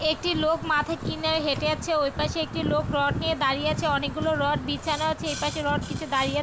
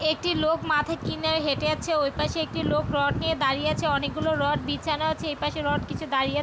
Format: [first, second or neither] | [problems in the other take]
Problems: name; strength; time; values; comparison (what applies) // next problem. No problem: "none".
second | background sound (Boiling); 18 dB below the speech